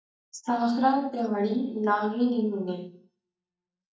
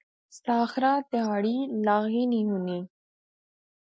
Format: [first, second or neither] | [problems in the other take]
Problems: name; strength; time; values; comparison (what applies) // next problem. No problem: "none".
second | noise reduction (neural mask model DeepFilterNet 3)